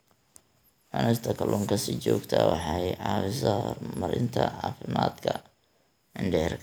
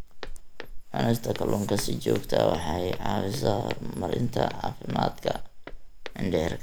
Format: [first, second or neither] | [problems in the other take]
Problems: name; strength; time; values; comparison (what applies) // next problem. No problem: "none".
first | background sound (Walk, footsteps); 6 dB below the speech